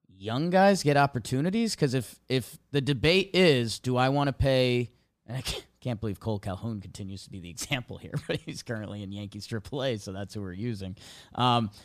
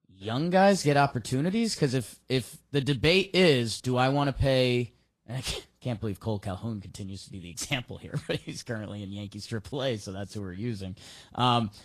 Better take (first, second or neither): first